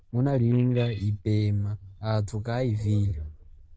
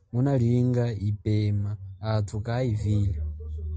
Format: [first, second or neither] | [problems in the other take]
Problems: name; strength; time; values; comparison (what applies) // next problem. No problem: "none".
second | noise reduction (neural diffusion model UNIVERSE++)